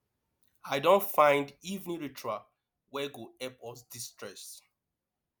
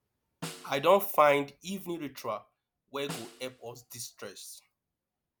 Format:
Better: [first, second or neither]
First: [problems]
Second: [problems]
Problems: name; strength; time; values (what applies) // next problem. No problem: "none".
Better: first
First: none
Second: background sound (Snare drum); 17 dB below the speech